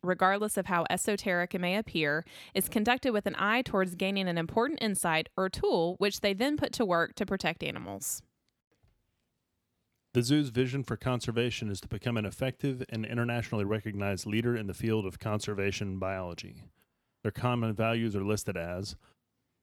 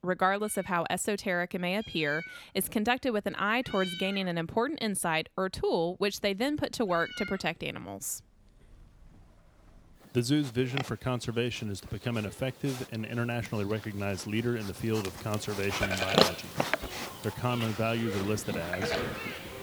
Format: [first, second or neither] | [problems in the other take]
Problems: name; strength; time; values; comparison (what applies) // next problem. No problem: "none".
first | animal sounds; loud; throughout; 3 dB below the speech